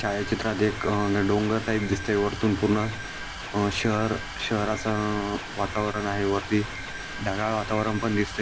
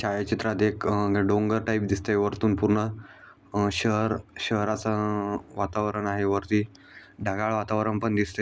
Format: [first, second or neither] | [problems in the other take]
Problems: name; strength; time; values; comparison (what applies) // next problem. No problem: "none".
second | background sound (Mechanisms); 9 dB below the speech